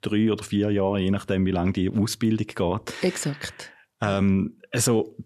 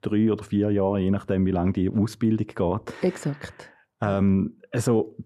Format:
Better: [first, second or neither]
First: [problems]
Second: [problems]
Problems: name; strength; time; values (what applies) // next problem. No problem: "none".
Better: first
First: none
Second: muffled; slightly; fading above 2 kHz